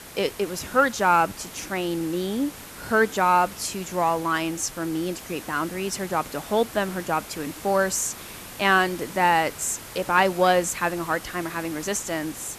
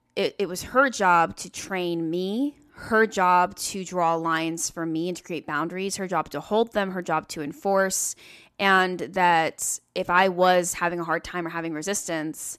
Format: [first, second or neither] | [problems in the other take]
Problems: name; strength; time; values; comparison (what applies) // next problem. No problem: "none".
second | hiss; noticeable; throughout; 15 dB below the speech